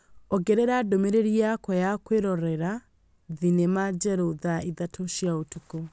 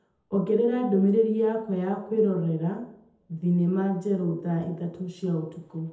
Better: first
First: none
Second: room echo; dies away in 0.7 s

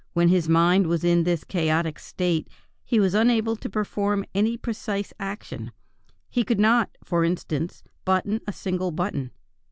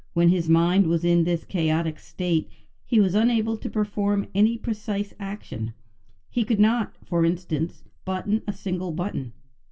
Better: first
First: none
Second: room echo; dies away in 0.2 s

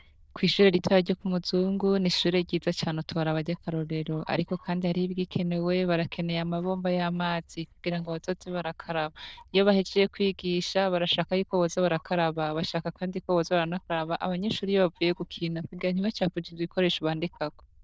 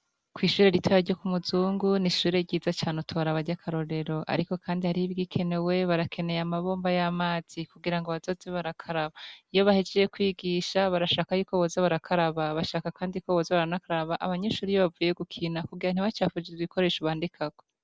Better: second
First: noise reduction (neural diffusion model UNIVERSE++)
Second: none

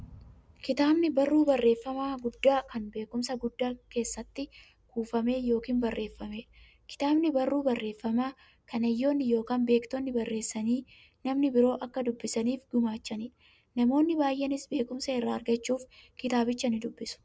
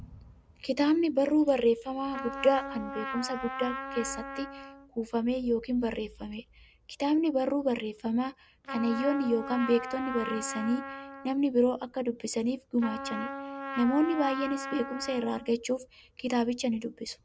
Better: first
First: none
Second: background sound (Trumpet); 9 dB below the speech

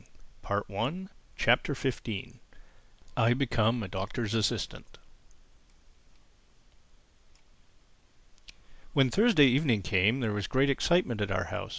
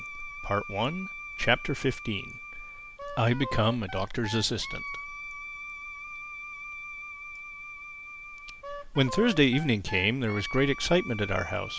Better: first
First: none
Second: background sound (Wind instrument, woodwind instrument); 11 dB below the speech

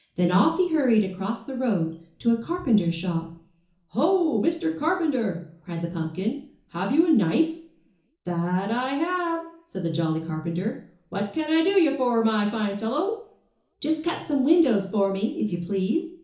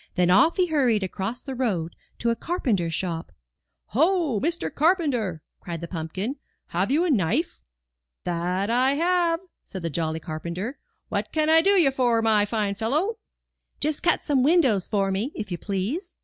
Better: second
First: room echo; dies away in 0.7 s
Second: none

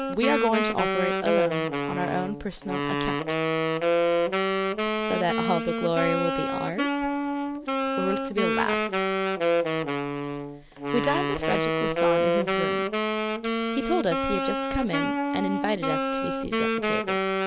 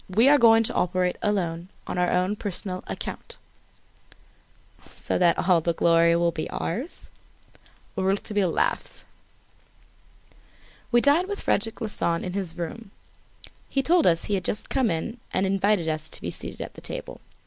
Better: second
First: background sound (Wind instrument, woodwind instrument); 4 dB above the speech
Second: none

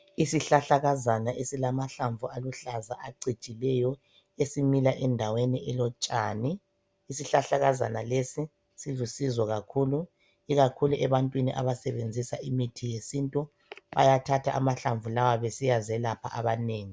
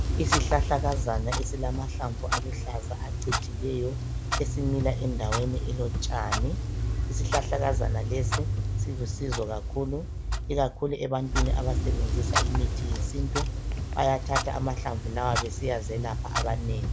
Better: first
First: none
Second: background sound (Clock); 3 dB above the speech

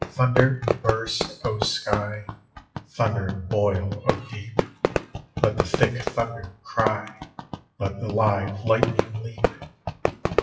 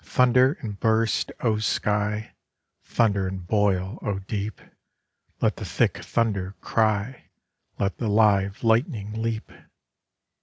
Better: second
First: noise reduction (classical method WPE with log-MMSE)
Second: none

